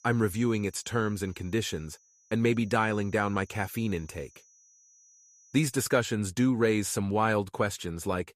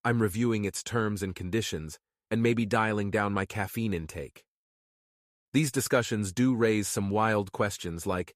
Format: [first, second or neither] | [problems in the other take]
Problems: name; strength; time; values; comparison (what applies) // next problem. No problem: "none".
second | high-pitched whine; faint; until 5.5 s; 6 kHz, 30 dB below the speech